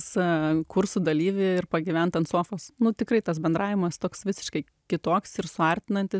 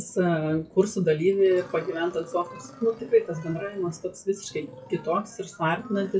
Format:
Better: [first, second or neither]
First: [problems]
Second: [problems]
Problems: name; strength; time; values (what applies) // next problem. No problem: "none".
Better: first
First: none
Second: noise reduction (classical method WPE with log-MMSE)